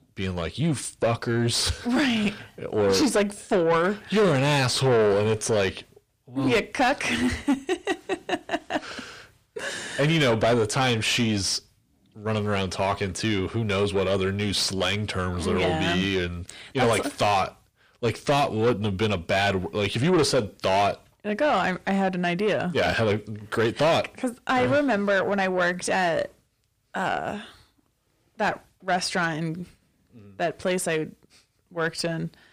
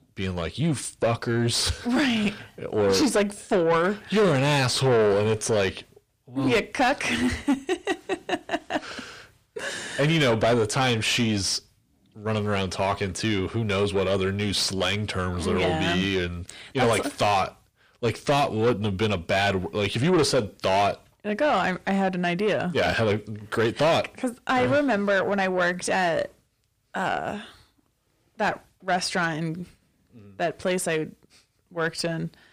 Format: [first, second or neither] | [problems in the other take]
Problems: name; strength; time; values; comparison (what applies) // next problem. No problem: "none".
neither | distortion; heavy; 7 dB below the speech; the same in both